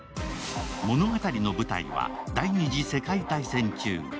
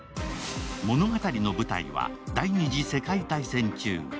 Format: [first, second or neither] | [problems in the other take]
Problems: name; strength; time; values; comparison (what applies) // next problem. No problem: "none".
second | background sound (Bird / Fowl); 12 dB below the speech